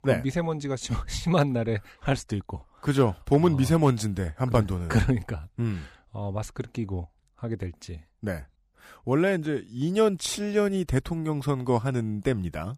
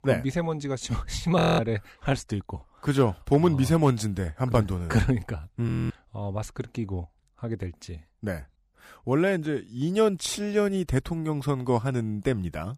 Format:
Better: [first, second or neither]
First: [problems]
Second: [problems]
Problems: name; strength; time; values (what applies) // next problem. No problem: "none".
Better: first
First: none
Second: audio freezing; at 1.5 s and at 5.5 s